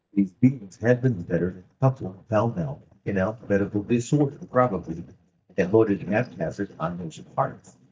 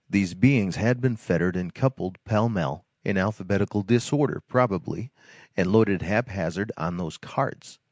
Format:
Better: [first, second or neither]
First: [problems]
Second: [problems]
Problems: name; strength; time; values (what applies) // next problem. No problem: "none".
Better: second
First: noise reduction (neural mask model DeepFilterNet 3)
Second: none